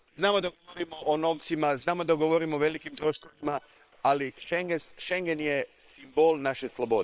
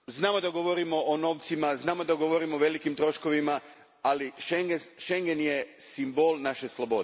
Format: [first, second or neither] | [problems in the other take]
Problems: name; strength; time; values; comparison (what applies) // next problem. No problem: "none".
second | noise reduction (neural separator model SepFormer WHAM!)